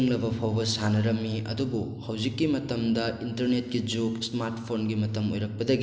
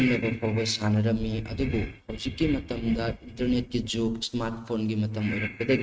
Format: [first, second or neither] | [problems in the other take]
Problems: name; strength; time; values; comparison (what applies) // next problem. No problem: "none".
first | noise reduction (neural mask model RNNoise)